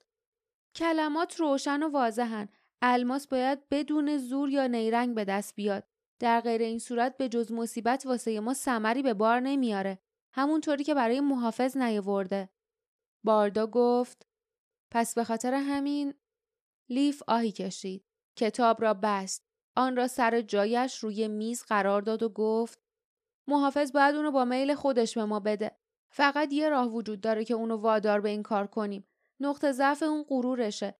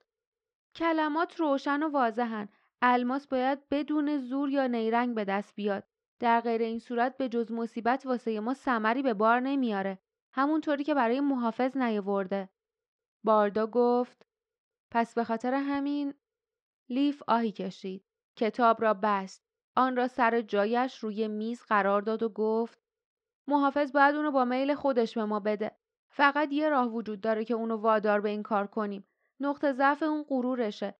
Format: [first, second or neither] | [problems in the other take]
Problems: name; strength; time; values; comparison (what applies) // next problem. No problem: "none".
first | muffled; slightly; fading above 4 kHz